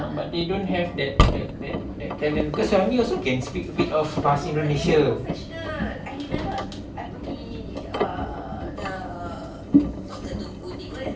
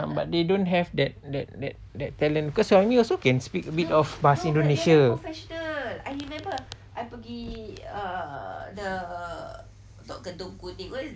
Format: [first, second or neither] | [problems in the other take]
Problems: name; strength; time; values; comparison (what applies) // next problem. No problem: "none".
second | background sound (Engine); 1 dB below the speech // room echo; dies away in 0.4 s